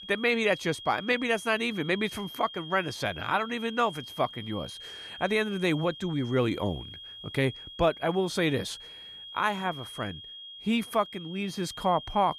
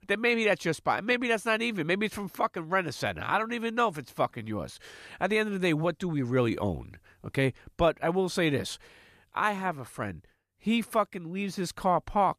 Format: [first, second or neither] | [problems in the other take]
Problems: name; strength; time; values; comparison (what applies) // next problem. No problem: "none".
second | high-pitched whine; noticeable; throughout; 3.5 kHz, 15 dB below the speech